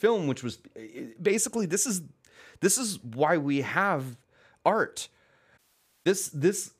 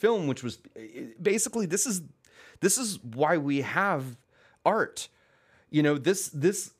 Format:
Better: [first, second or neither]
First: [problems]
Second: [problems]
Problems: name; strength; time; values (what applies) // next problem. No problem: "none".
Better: second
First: audio cutting out; at 5.5 s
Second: none